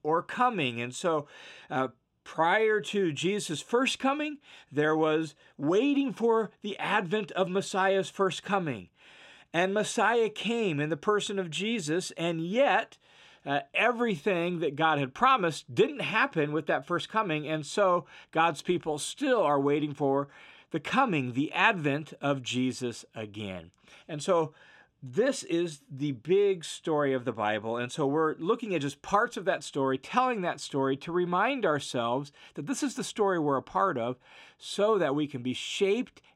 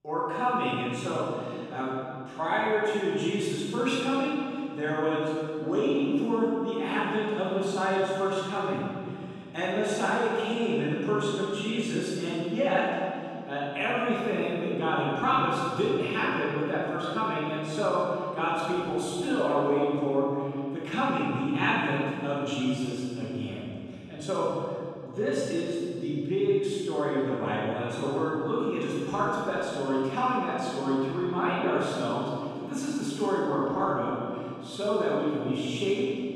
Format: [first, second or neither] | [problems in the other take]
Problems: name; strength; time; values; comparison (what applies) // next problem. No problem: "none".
first | room echo; strong; dies away in 2.5 s // off-mic speech; far